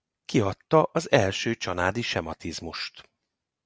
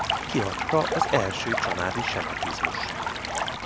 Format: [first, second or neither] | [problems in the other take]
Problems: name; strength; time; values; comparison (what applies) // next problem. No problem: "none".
first | background sound (Stream); 1 dB above the speech